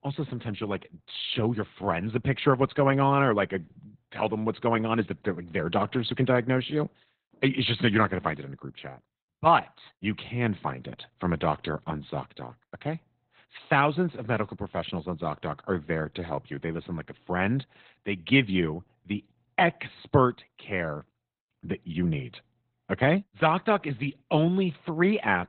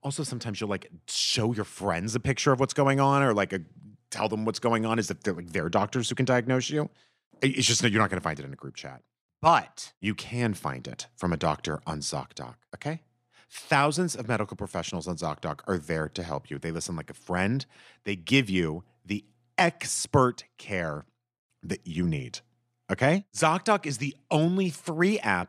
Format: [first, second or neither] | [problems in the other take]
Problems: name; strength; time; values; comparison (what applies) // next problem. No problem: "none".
second | garbled, watery; badly; nothing above 4 kHz